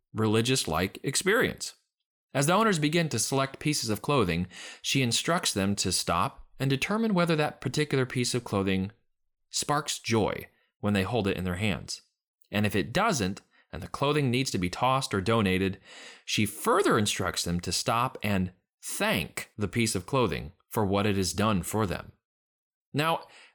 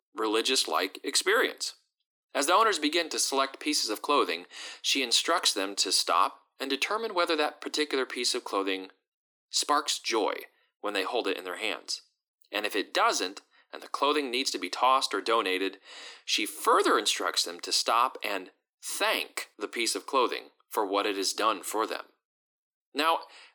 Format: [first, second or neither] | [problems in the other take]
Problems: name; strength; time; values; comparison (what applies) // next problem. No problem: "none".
first | thin; somewhat; fading below 300 Hz